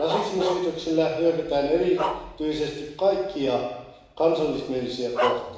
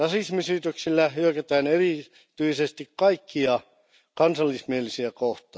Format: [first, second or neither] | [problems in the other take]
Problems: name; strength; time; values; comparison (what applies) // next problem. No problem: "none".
second | background sound (Bark); 8 dB below the speech // room echo; dies away in 1 s